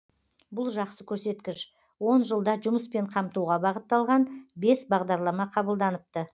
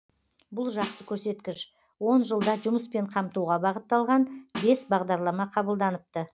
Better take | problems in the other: first | background sound (Snare drum); 16 dB below the speech

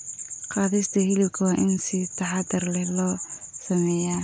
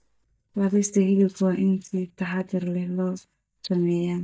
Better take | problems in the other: first | noise reduction (neural mask model DeepFilterNet 3)

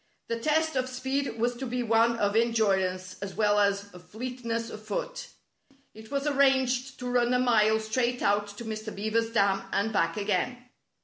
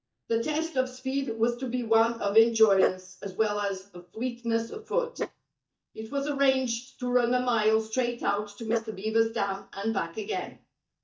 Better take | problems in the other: first | noise reduction (neural mask model DeepFilterNet 3)

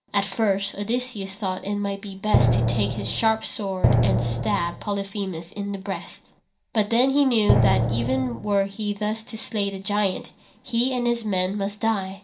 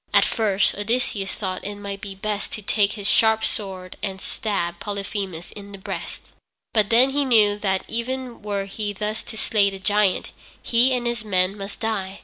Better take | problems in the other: second | background sound (Drum); 4 dB above the speech // room echo; dies away in 0.3 s

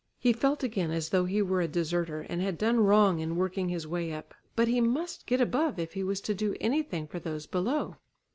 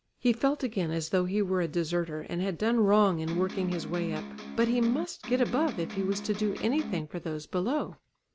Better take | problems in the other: first | background sound (Electric guitar); 9 dB below the speech

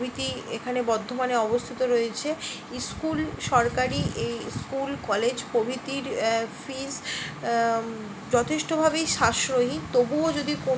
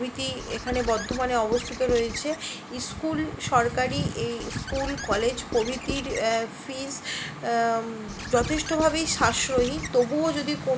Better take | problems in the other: first | background sound (Squeak / Writing); 10 dB below the speech

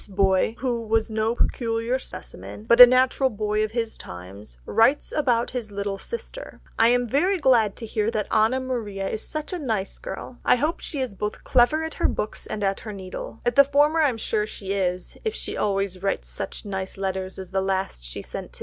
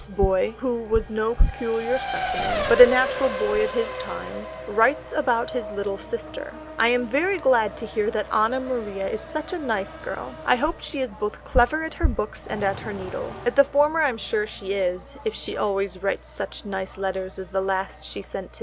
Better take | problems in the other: first | background sound (Race car, auto racing); 11 dB below the speech

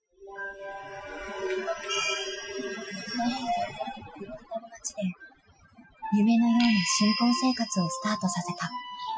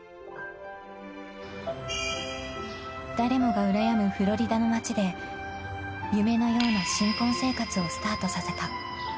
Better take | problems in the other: second | noise reduction (classical method Wiener filter)

